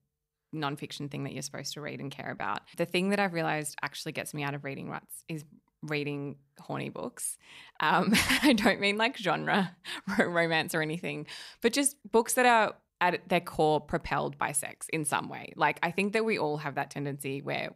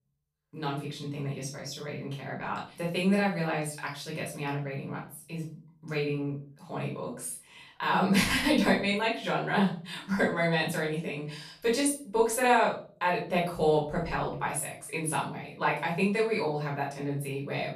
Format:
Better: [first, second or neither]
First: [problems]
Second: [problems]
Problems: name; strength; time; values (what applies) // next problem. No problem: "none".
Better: first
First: none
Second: off-mic speech; far // room echo; noticeable; dies away in 0.4 s